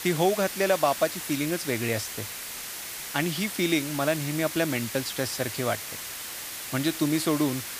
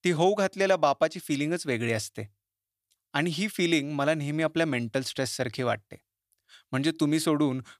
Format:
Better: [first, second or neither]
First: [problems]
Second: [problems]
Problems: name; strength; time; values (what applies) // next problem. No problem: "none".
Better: second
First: hiss; loud; throughout; 6 dB below the speech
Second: none